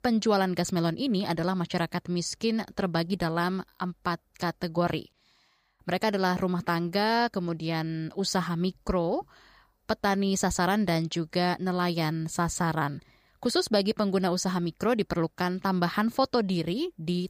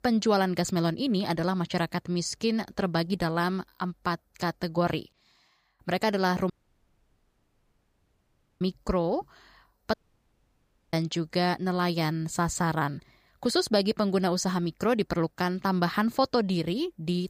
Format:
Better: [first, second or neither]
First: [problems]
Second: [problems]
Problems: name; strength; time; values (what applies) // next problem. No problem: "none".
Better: first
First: none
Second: audio cutting out; at 6.5 s for 2 s and at 10 s for 1 s